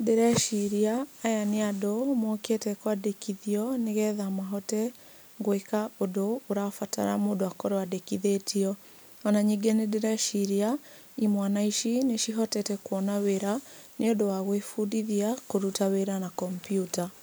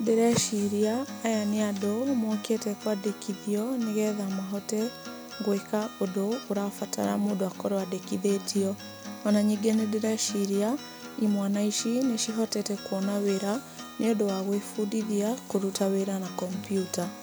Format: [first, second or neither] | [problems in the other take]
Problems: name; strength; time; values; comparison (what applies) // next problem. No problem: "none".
first | background sound (Acoustic guitar); 14 dB below the speech